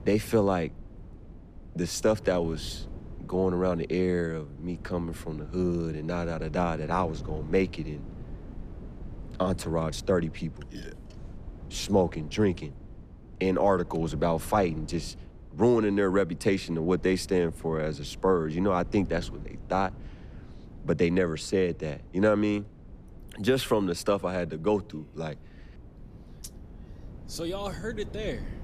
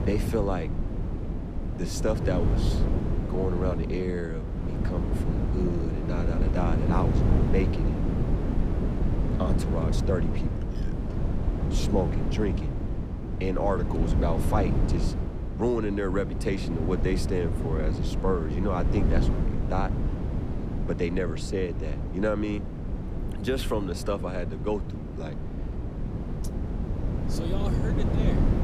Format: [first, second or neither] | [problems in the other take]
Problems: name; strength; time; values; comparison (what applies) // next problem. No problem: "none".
first | wind noise on the microphone; heavy; 5 dB below the speech; occasional gusts in the first